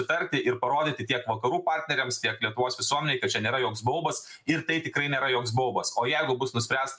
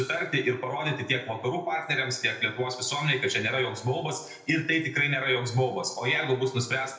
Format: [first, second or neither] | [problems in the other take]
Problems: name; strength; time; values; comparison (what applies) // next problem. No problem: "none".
first | room echo; dies away in 0.8 s